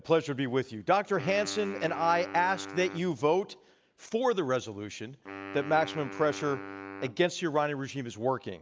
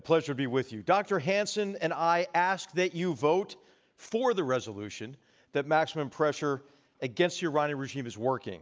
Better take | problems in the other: second | background sound (Wind instrument, woodwind instrument); 14 dB below the speech

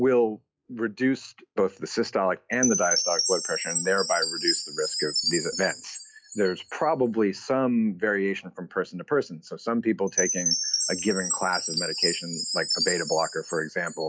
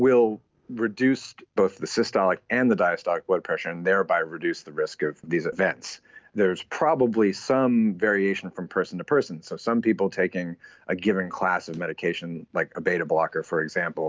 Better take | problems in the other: second | noise reduction (classical method log-MMSE)

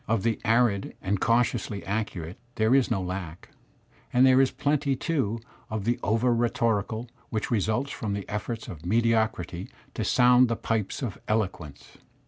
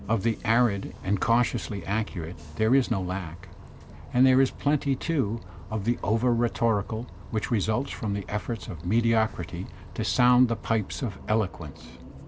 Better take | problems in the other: first | background sound (Bus); 15 dB below the speech

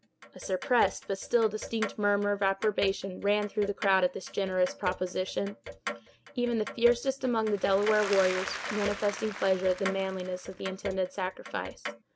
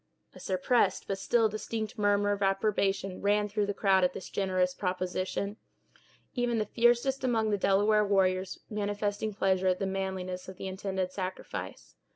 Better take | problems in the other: second | background sound (Applause / Crowd + Clock); 11 dB below the speech

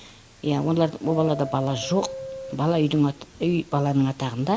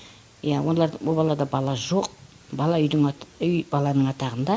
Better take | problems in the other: second | background sound (Subway, metro, underground); 15 dB below the speech

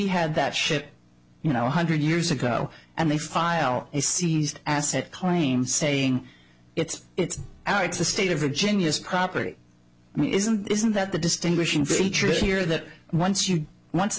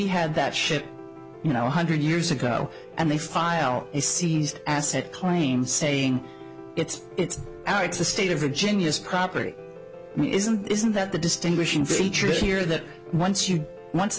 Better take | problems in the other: first | background sound (Piano); 17 dB below the speech

